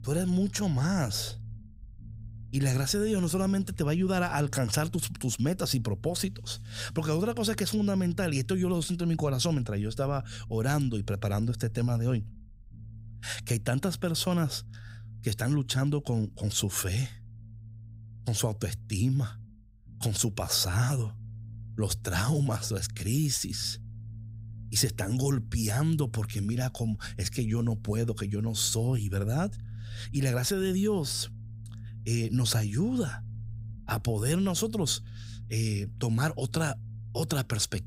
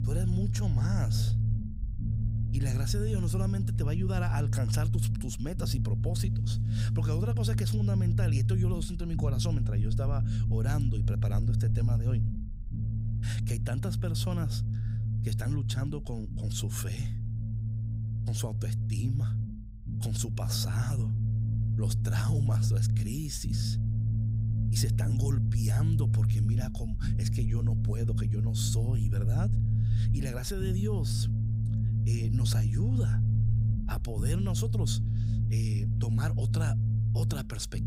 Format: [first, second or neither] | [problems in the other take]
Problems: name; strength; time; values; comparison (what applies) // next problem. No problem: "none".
first | low rumble; loud; throughout; 2 dB below the speech; faint in the first